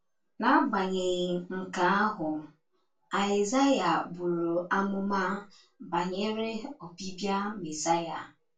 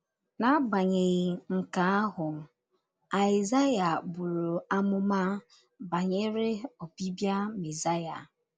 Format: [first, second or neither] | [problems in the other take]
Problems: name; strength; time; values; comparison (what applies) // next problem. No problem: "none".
second | room echo; dies away in 0.2 s